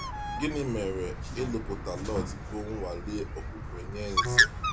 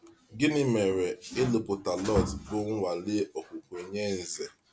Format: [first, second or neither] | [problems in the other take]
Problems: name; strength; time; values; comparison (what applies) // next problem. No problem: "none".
second | background sound (Bird); 3 dB above the speech